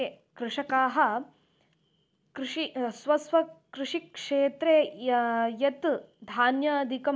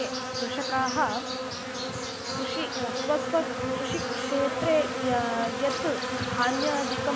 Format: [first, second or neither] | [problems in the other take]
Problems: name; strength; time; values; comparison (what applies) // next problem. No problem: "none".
first | background sound (Insect); 1 dB below the speech